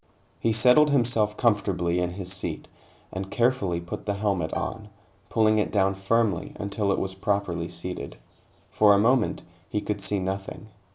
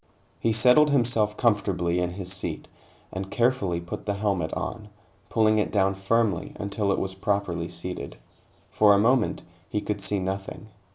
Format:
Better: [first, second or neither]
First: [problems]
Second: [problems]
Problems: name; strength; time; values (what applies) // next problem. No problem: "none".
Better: second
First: background sound (Bowed string instrument); 16 dB below the speech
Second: none